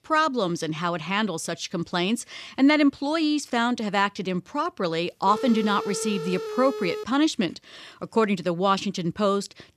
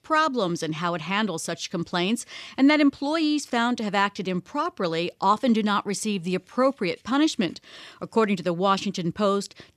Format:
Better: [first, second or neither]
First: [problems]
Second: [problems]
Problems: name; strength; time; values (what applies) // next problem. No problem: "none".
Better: second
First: phone ringing; noticeable; from 5.5 to 7 s; peak 8 dB below the speech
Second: none